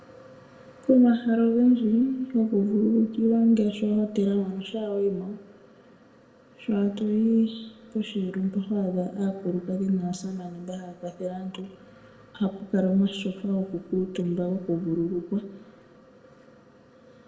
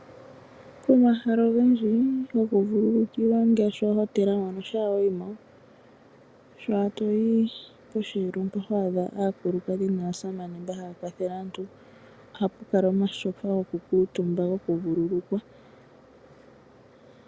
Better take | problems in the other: second | room echo; dies away in 0.8 s

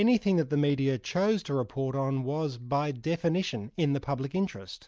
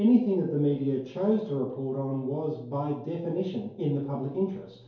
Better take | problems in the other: first | room echo; dies away in 2.4 s

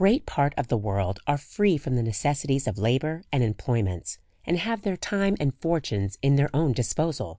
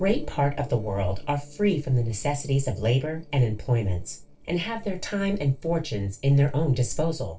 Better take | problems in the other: first | noise reduction (neural separator model SepFormer DNS4)

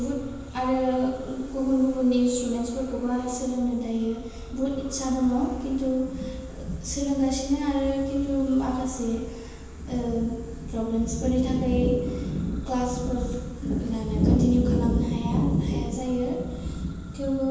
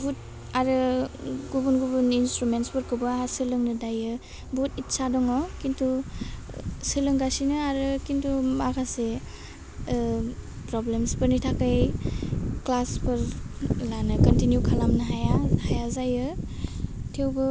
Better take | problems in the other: second | background sound (Church bell); 17 dB below the speech // room echo; dies away in 1.2 s

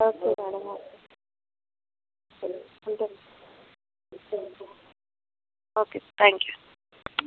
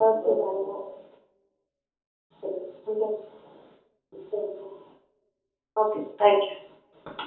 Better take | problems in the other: first | room echo; dies away in 0.6 s

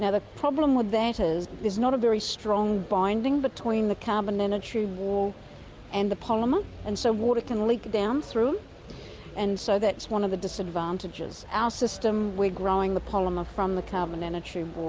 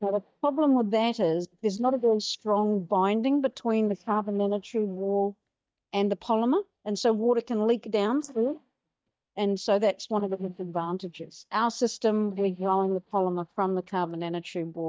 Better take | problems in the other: first | noise reduction (neural mask model DeepFilterNet 3)

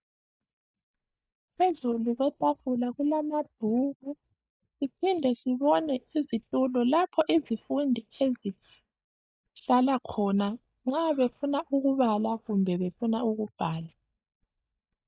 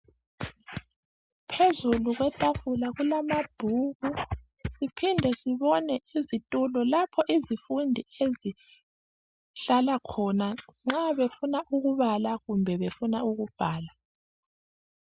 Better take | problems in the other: second | noise reduction (neural mask model DeepFilterNet 3)

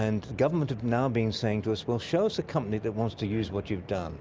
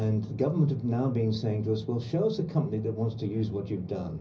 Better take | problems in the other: first | room echo; dies away in 0.5 s

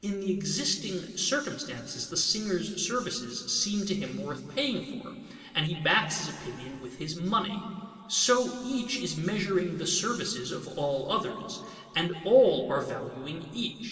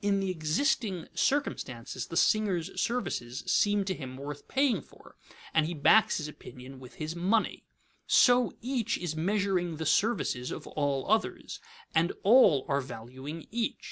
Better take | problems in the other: second | room echo; dies away in 2.7 s

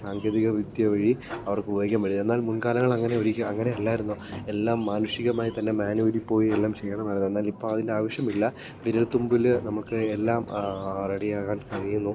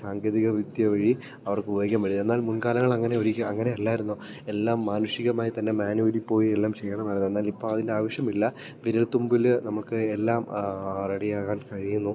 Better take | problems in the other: second | background sound (Sliding door); 18 dB below the speech

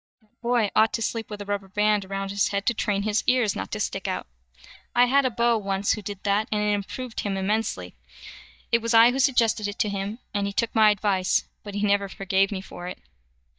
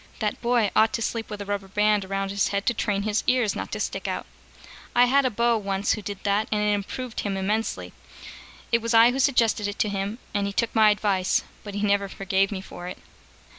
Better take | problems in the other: second | noise reduction (neural mask model DeepFilterNet 3)

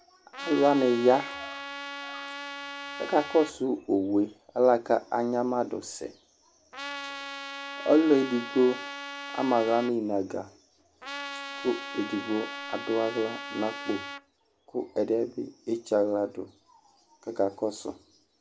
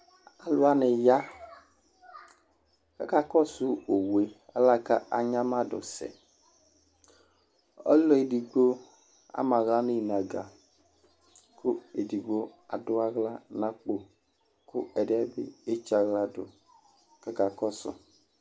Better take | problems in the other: second | background sound (Trumpet); 10 dB below the speech

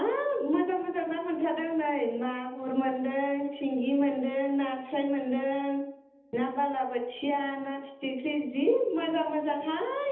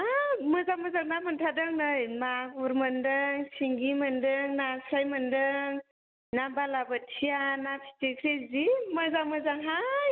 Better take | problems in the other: second | room echo; dies away in 0.8 s

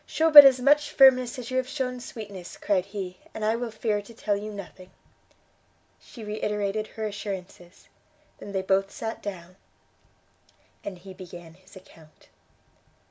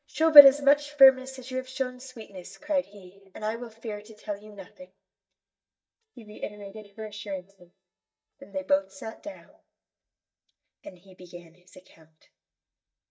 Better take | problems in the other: first | noise reduction (neural mask model DeepFilterNet 3)

